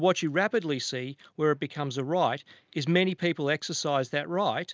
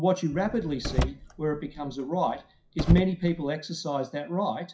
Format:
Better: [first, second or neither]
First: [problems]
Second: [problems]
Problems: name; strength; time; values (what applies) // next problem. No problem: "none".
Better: first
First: none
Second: noise reduction (classical method WPE with log-MMSE)